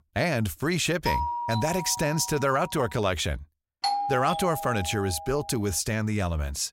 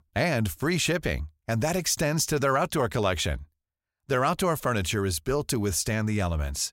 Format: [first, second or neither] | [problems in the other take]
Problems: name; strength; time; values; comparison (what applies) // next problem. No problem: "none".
second | doorbell; noticeable; from 1 to 2.5 s and from 4 to 5.5 s; peak level with the speech